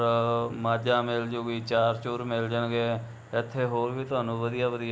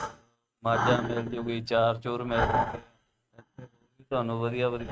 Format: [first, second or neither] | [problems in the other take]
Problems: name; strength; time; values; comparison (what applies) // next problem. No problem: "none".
first | noise reduction (neural mask model RNNoise)